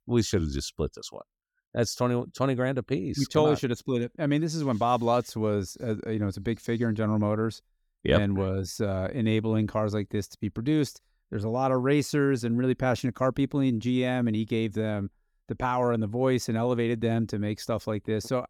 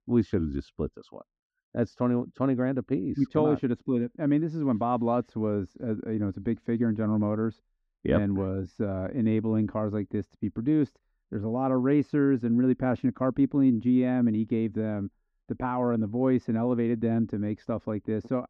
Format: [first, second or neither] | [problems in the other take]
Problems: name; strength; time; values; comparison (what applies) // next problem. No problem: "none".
first | muffled; very; fading above 2 kHz